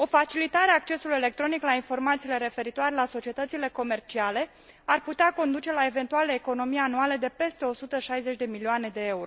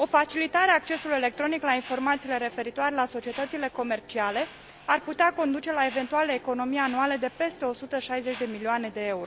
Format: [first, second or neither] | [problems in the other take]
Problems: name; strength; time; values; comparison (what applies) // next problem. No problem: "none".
first | background sound (Mechanisms); 19 dB below the speech